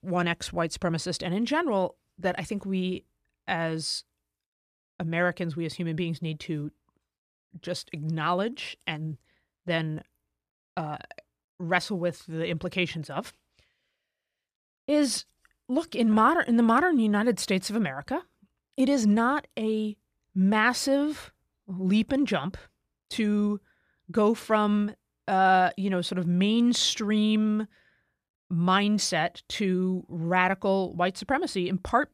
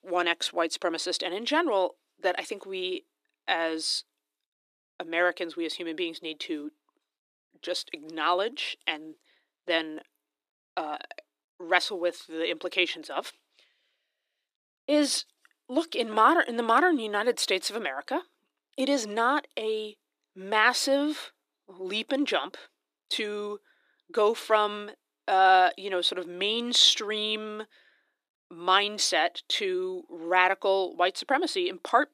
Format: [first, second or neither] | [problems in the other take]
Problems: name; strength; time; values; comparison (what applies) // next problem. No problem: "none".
first | thin; somewhat; fading below 300 Hz